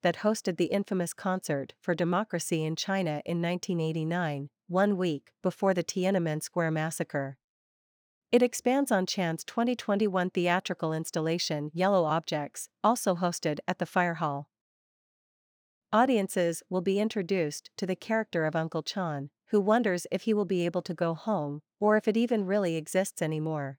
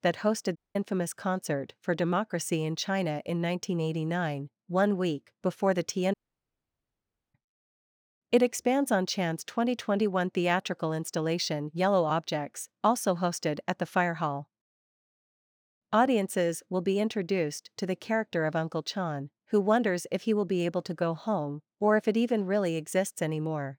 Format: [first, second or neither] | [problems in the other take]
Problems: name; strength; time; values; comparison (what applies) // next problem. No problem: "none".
first | audio cutting out; at 0.5 s and at 6 s for 1 s